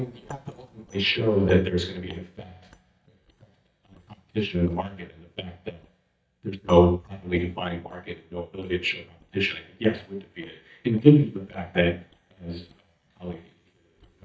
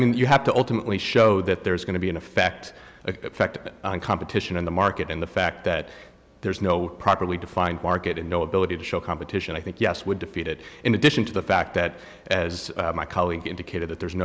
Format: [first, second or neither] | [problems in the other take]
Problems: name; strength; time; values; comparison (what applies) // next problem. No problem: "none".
second | noise reduction (neural mask model DeepFilterNet 3)